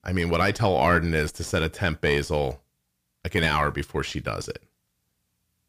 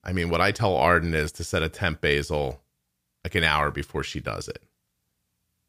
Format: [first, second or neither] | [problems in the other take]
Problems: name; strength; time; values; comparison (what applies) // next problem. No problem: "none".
second | distortion; slight; 10 dB below the speech